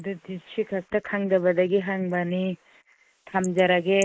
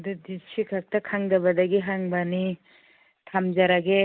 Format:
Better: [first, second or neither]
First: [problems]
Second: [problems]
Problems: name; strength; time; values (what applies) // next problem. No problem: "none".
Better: second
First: noise reduction (neural mask model Resemble Enhance denoiser)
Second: none